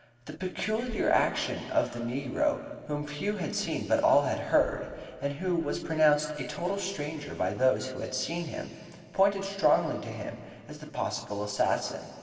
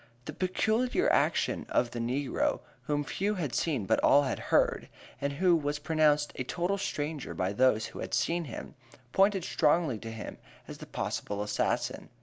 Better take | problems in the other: second | room echo; dies away in 2.4 s

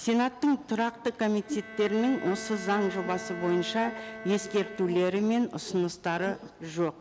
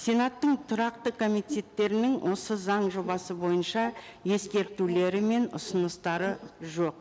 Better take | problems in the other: second | background sound (Bowed string instrument); 15 dB below the speech

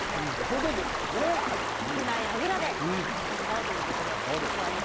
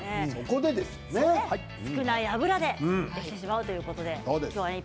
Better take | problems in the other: second | background sound (Stream); 2 dB above the speech

